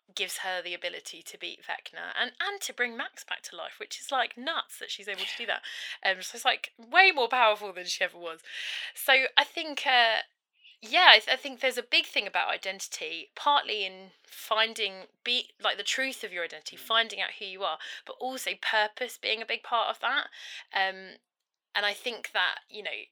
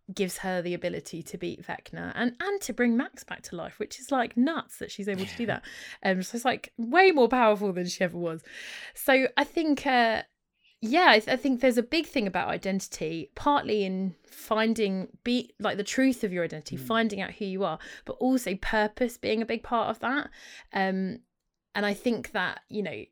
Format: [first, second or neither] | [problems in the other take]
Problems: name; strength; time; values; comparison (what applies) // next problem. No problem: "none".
second | thin; very; fading below 800 Hz